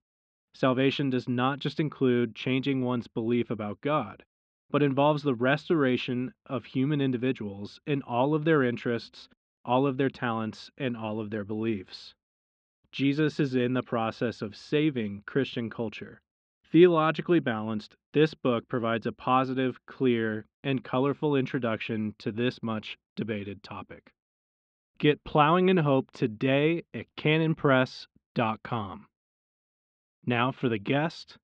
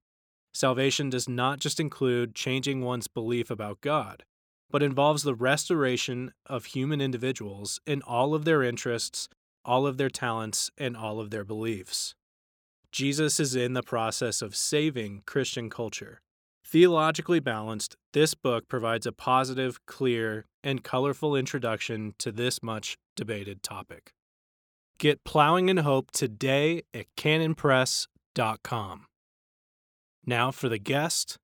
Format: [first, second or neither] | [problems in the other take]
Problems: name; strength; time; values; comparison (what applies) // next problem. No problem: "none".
second | muffled; very; fading above 3.5 kHz